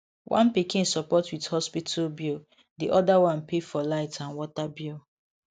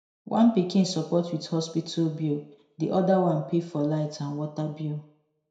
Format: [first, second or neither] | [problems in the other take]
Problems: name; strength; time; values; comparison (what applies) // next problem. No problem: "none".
first | room echo; dies away in 0.6 s